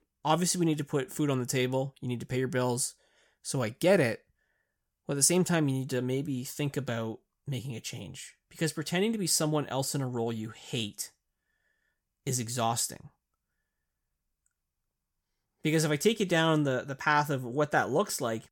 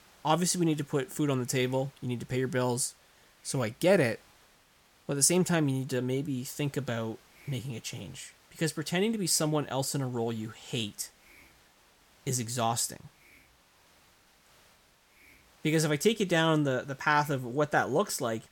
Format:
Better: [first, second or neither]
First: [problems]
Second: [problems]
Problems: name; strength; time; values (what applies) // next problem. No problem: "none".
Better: first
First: none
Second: hiss; faint; throughout; 30 dB below the speech